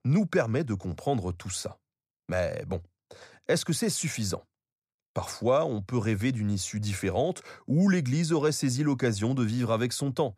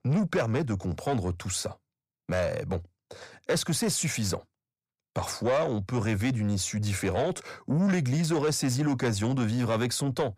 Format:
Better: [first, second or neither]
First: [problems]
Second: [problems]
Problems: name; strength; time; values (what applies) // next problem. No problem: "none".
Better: first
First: none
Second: distortion; slight; 10 dB below the speech